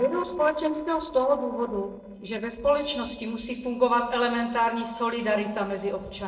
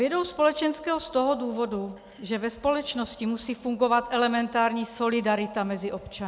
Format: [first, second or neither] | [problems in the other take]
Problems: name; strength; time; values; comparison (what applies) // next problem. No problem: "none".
second | noise reduction (neural separator model SepFormer DNS4)